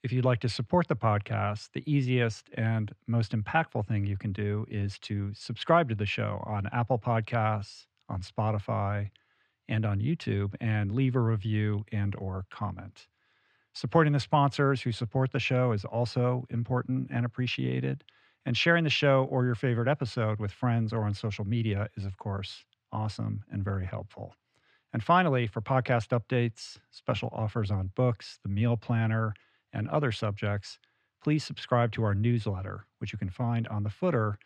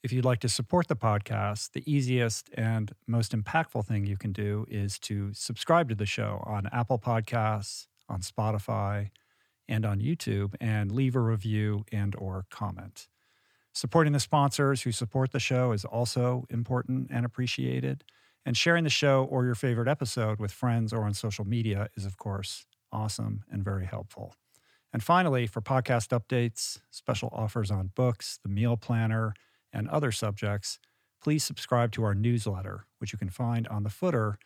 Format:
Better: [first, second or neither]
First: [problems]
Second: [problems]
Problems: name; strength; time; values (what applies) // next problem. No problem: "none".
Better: second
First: muffled; slightly; fading above 3 kHz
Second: none